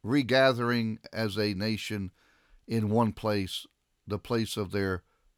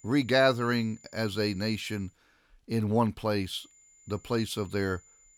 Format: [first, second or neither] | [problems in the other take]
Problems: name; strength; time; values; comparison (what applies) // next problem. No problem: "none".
first | high-pitched whine; faint; until 2 s and from 3.5 s on; 7 kHz, 25 dB below the speech